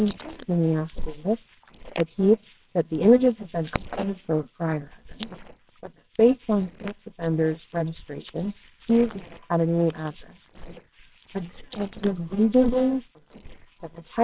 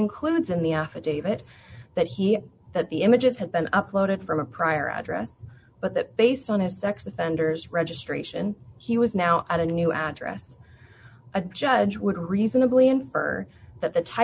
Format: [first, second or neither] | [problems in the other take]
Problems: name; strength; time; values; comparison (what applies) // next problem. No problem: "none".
second | noise reduction (neural separator model SepFormer WHAMR!)